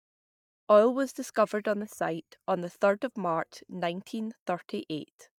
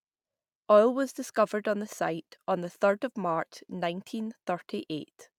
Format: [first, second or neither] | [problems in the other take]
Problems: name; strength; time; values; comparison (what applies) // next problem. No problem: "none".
second | noise reduction (neural mask model DeepFilterNet 3)